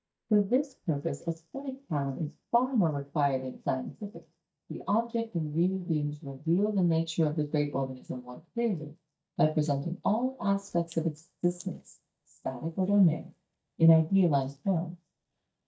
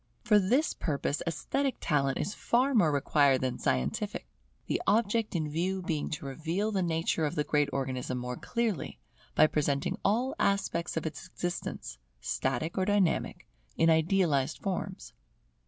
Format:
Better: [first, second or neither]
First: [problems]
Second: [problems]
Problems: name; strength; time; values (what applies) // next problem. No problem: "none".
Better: second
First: noise reduction (neural mask model DeepFilterNet 3)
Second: none